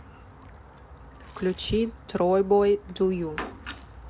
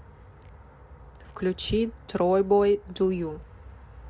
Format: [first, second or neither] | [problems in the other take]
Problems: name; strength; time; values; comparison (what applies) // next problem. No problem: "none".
second | background sound (Chirp, tweet); 18 dB below the speech